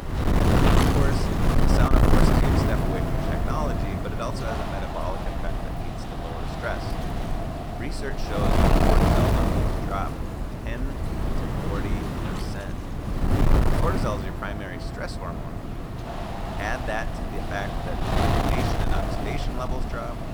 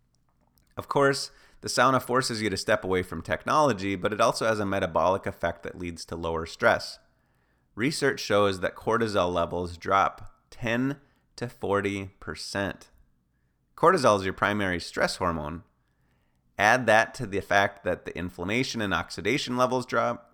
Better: second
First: wind noise on the microphone; heavy; 4 dB above the speech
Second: none

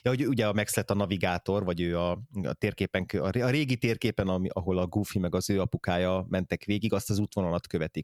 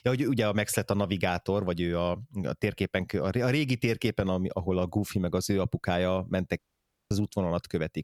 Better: first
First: none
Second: audio cutting out; at 6.5 s for 0.5 s

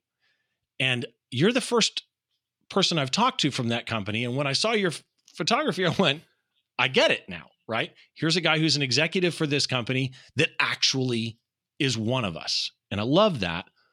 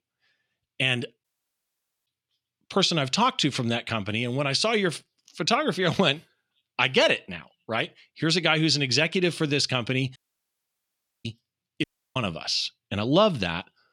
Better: first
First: none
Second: audio cutting out; at 1 s for 1 s, at 10 s for 1 s and at 12 s

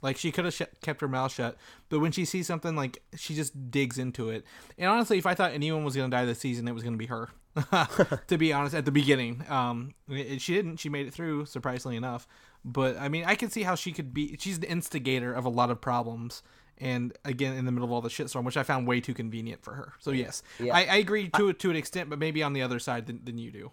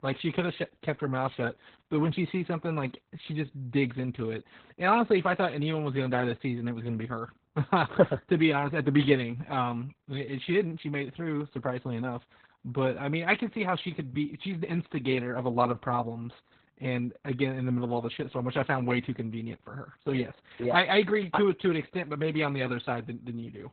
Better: first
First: none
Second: garbled, watery; badly; nothing above 4 kHz

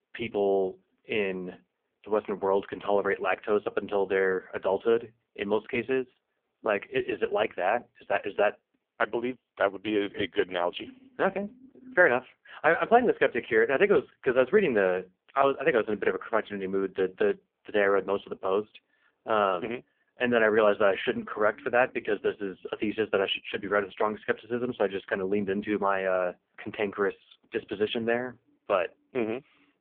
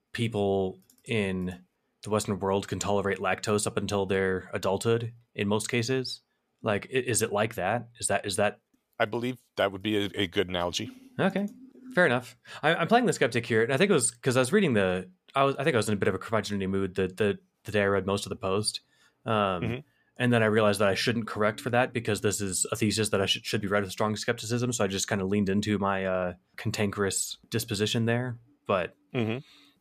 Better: second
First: phone-call audio; poor line; nothing above 3.5 kHz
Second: none

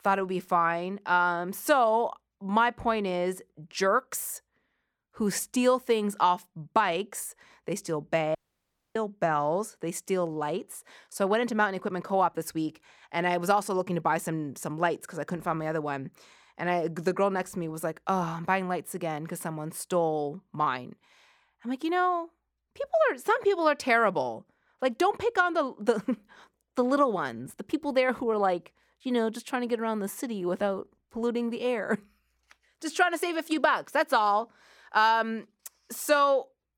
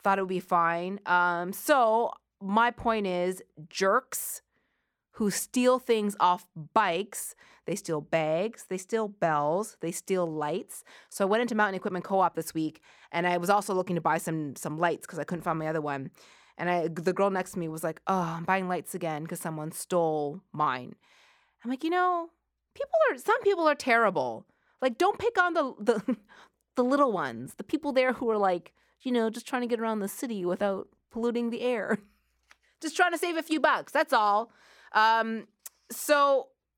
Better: second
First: audio cutting out; at 8.5 s for 0.5 s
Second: none

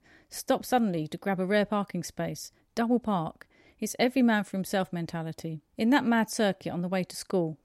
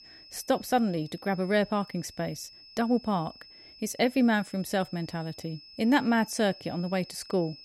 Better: first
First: none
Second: high-pitched whine; noticeable; throughout; 5 kHz, 20 dB below the speech

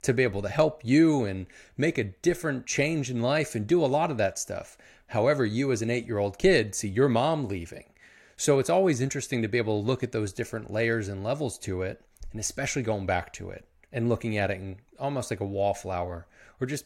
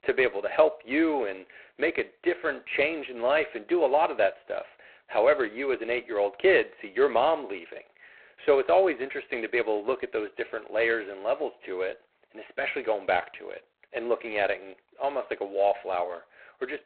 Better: first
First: none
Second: phone-call audio; poor line; nothing above 4 kHz

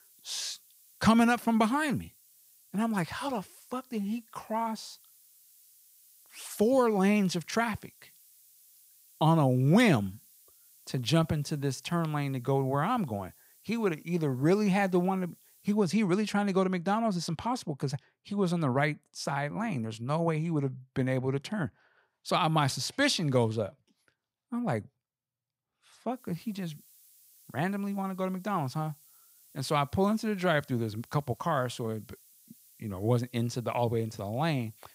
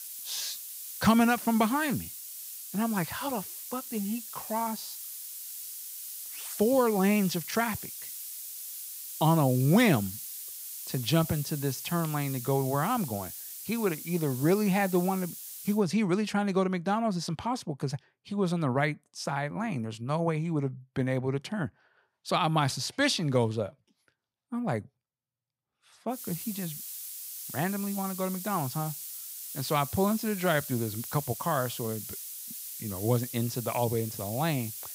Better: first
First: hiss; faint; until 16 s and from 26 s on; 25 dB below the speech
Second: hiss; loud; until 16 s and from 26 s on; 8 dB below the speech

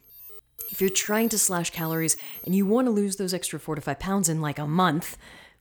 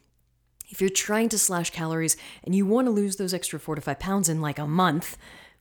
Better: second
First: alarm; noticeable; until 3 s; peak 8 dB below the speech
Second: none

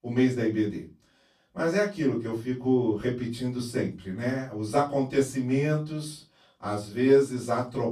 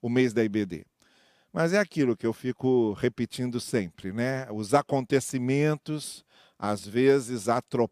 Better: second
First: off-mic speech; far // room echo; slight; dies away in 0.3 s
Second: none

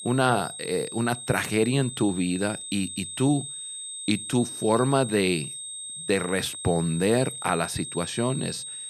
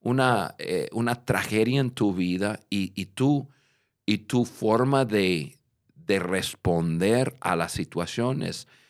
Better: second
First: high-pitched whine; loud; throughout; 8.5 kHz, 8 dB below the speech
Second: none

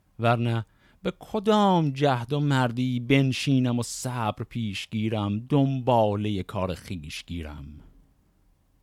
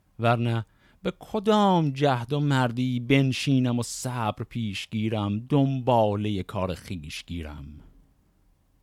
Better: neither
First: none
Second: none

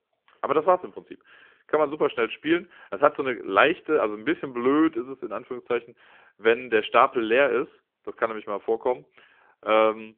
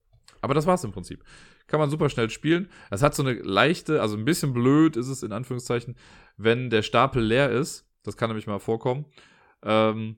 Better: second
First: phone-call audio; nothing above 3.5 kHz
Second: none

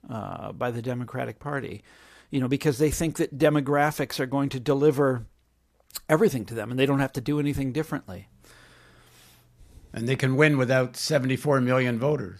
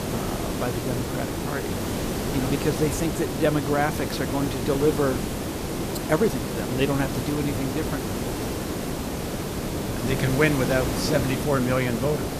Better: first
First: none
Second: hiss; loud; throughout; 2 dB below the speech

